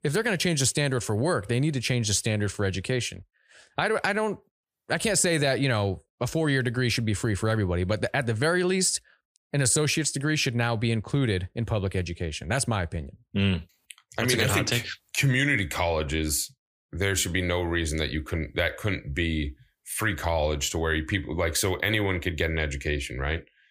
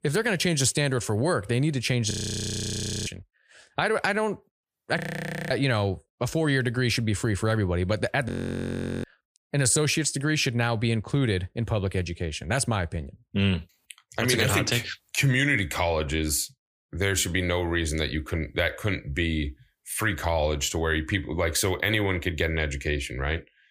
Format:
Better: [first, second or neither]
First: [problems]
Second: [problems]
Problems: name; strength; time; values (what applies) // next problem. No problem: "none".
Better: first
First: none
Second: audio freezing; at 2 s for 1 s, at 5 s for 0.5 s and at 8.5 s for 0.5 s